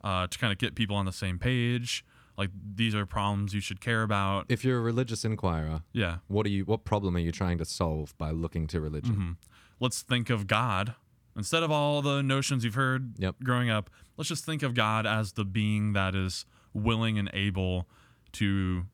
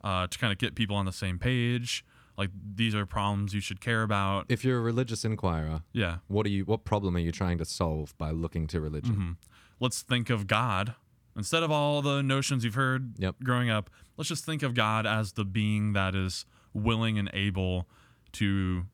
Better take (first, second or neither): neither